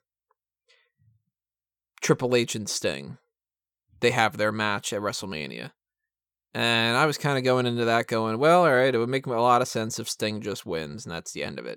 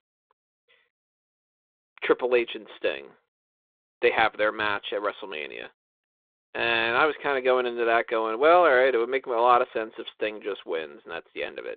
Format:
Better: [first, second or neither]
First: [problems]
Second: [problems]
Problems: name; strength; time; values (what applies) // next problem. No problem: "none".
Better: first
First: none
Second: phone-call audio; nothing above 3.5 kHz